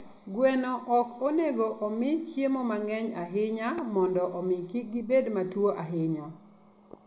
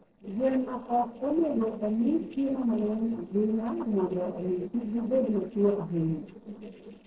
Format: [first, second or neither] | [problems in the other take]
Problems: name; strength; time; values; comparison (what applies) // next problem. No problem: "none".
first | noise reduction (neural separator model SepFormer DNS4)